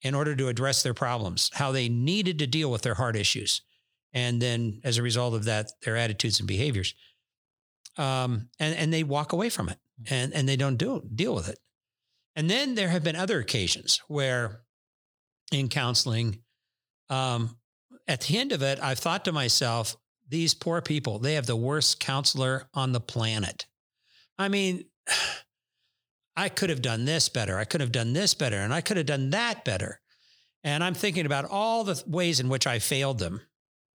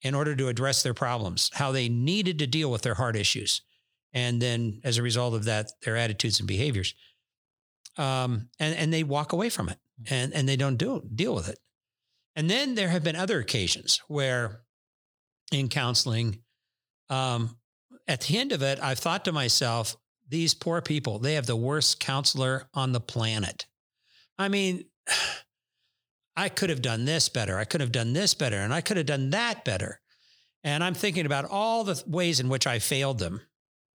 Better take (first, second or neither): neither